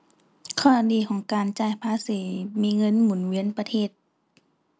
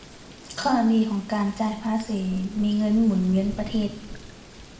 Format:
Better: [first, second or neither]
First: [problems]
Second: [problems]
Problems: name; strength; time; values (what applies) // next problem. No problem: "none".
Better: first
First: none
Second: background sound (Thunder / Rain); 16 dB below the speech // room echo; dies away in 0.7 s